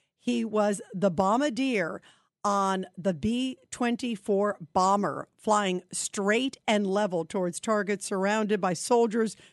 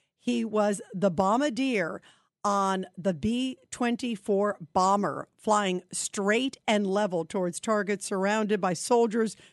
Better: neither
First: none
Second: none

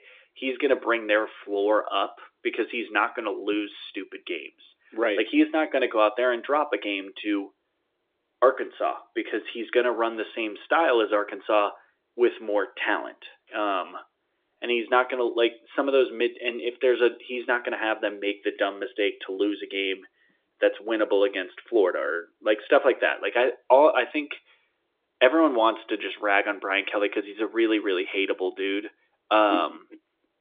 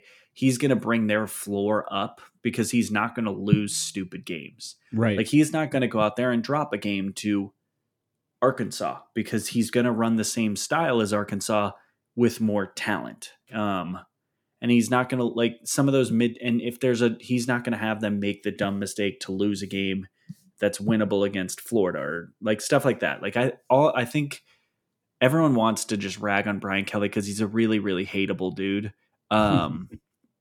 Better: second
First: phone-call audio; nothing above 3.5 kHz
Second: none

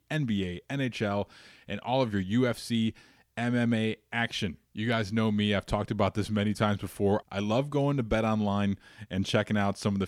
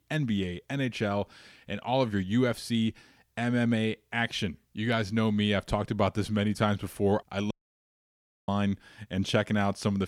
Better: first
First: none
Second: audio cutting out; at 7.5 s for 1 s

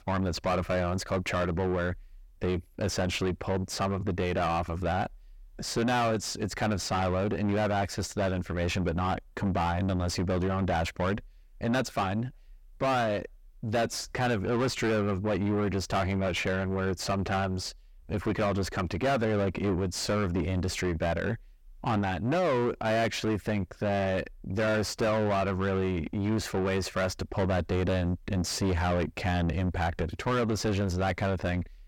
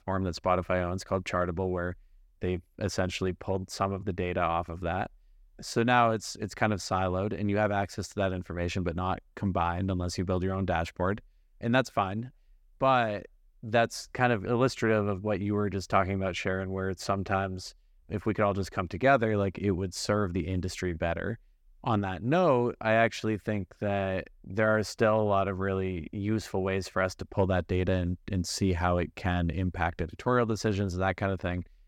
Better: second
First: distortion; heavy; 5 dB below the speech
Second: none

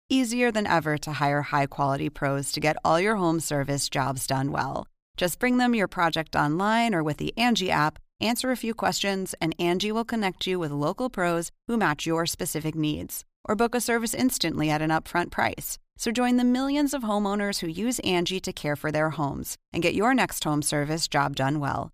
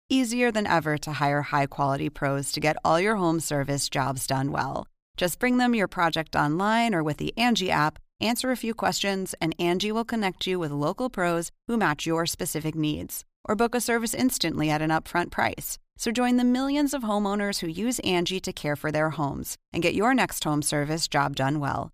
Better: neither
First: none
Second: none

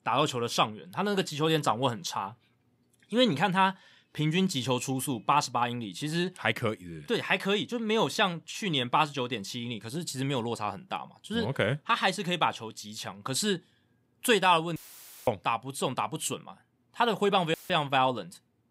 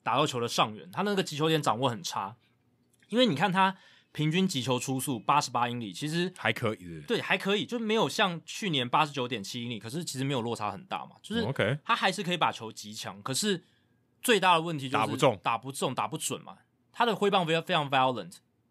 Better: second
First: audio cutting out; filled with static; at 15 s for 0.5 s and at 18 s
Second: none

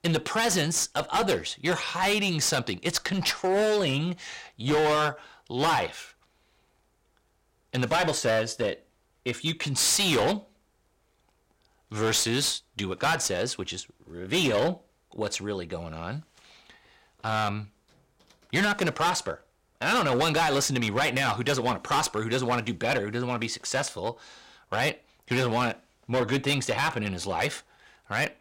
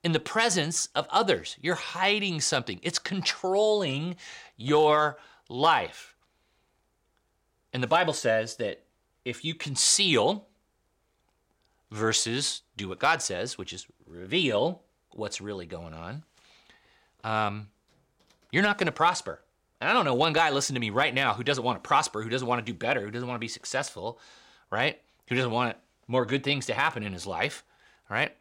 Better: second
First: distortion; heavy; 11% of the sound clipped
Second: none

